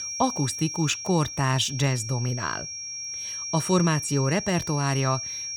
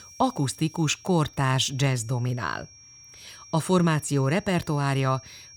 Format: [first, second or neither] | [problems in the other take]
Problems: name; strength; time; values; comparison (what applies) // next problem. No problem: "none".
second | high-pitched whine; loud; throughout; 5.5 kHz, 6 dB below the speech; faint in the second